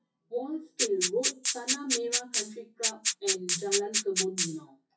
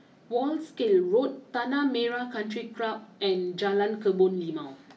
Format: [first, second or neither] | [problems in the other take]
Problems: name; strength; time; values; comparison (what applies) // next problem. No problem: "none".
second | noise reduction (classical method WPE with log-MMSE)